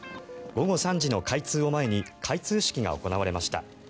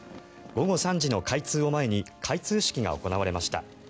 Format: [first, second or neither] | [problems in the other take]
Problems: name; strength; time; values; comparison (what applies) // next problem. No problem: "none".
second | background sound (Guitar); 19 dB below the speech